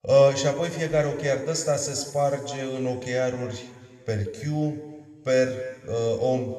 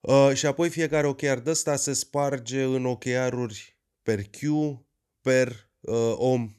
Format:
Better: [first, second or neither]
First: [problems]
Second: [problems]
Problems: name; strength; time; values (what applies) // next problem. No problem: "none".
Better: second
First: room echo; noticeable; dies away in 1.9 s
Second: none